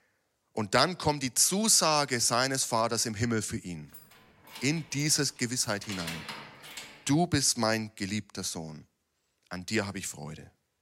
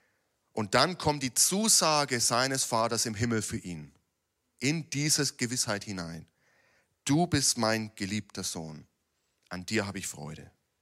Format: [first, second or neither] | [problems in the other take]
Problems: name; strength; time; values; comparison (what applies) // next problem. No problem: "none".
second | jangling keys; noticeable; from 4 to 7 s; peak 10 dB below the speech